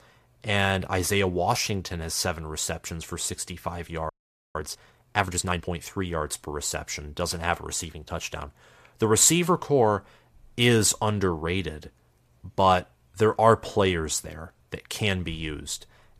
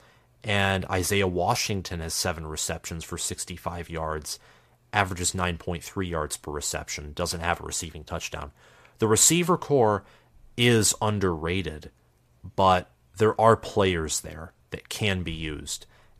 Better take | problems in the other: second | audio freezing; at 4 s

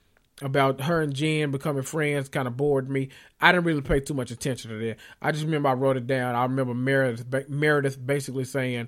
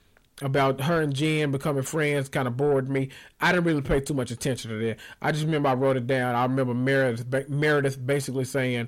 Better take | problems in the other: first | distortion; slight; 10 dB below the speech

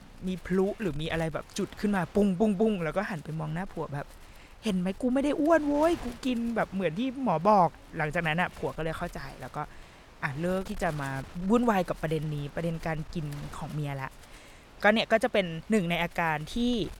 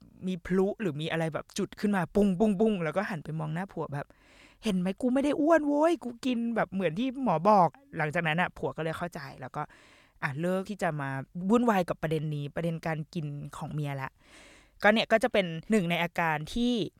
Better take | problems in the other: second | wind noise on the microphone; occasional gusts; 20 dB below the speech

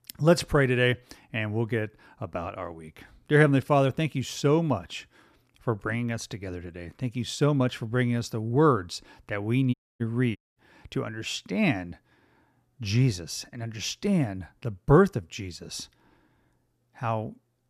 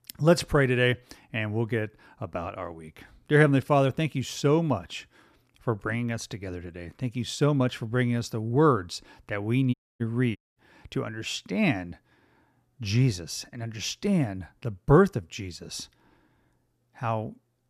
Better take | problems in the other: neither | audio cutting out; at 9.5 s and at 10 s; the same in both

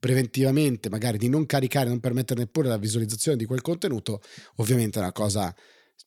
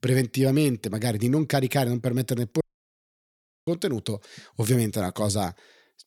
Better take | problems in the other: first | audio cutting out; at 2.5 s for 1 s

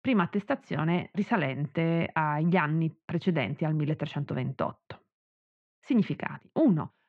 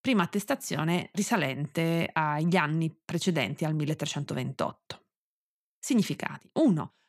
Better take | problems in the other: second | muffled; very; fading above 2.5 kHz

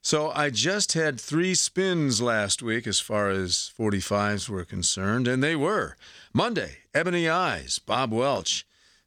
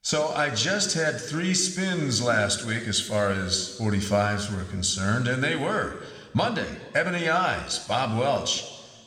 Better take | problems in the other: first | room echo; slight; dies away in 1.5 s

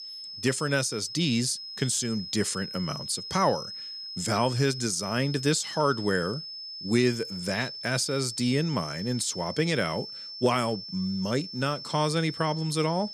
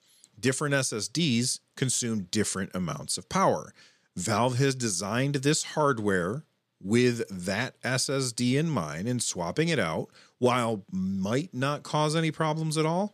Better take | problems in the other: second | high-pitched whine; loud; throughout; 5.5 kHz, 9 dB below the speech

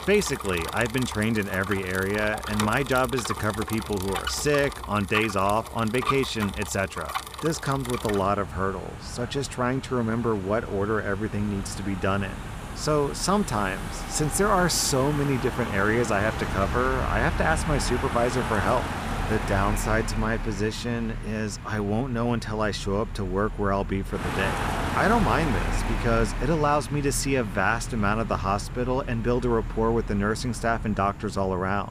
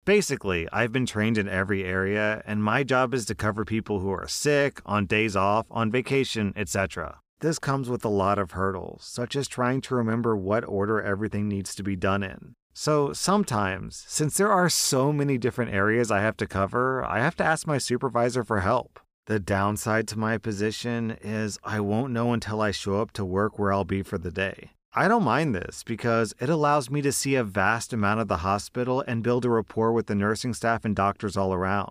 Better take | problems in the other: second | traffic noise; loud; throughout; 7 dB below the speech

